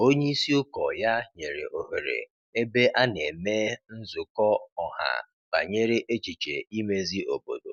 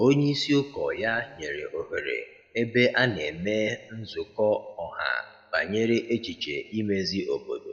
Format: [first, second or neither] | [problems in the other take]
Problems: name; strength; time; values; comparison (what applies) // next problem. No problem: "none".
first | room echo; dies away in 1.5 s